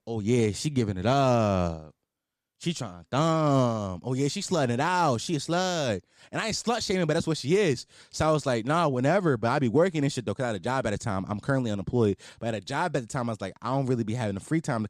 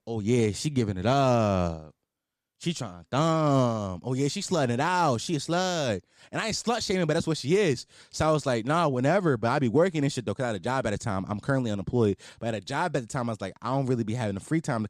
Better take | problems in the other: neither | none

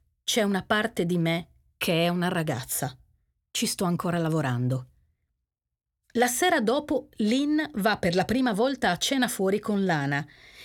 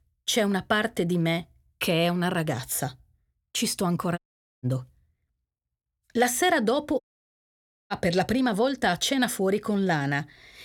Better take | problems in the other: first | audio cutting out; at 4 s and at 7 s for 1 s

